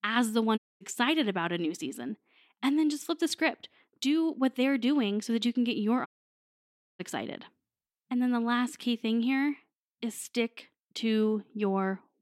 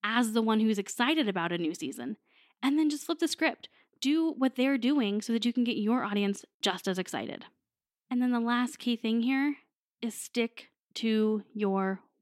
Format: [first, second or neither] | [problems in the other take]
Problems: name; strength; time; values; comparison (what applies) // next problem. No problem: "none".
second | audio cutting out; at 0.5 s and at 6 s for 1 s